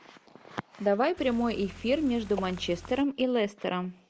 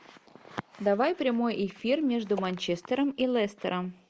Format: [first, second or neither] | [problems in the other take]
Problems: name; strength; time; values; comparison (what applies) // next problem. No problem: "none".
second | background sound (Car); 17 dB below the speech